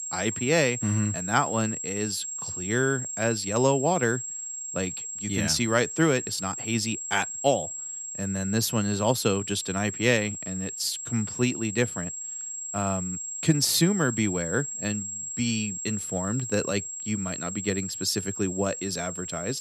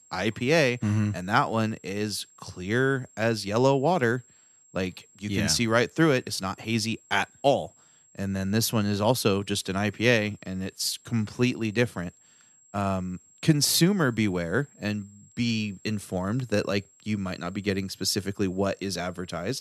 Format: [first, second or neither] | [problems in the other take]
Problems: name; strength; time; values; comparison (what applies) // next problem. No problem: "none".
second | high-pitched whine; loud; throughout; 7.5 kHz, 5 dB below the speech; faint in the second